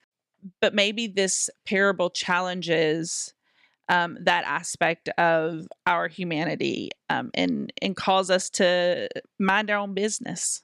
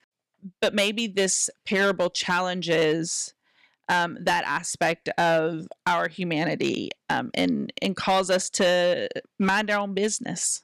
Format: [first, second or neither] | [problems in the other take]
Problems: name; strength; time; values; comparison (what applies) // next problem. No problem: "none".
first | distortion; slight; 5% of the sound clipped